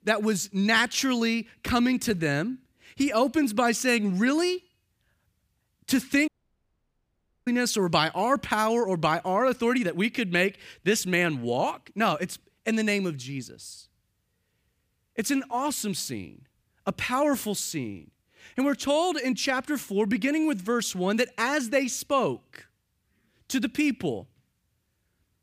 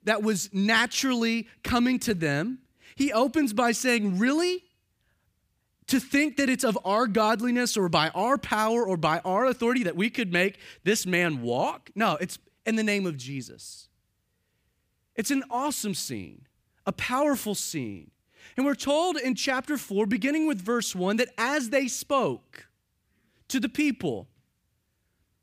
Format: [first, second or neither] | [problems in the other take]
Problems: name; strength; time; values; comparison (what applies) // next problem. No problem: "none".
second | audio cutting out; at 6.5 s for 1 s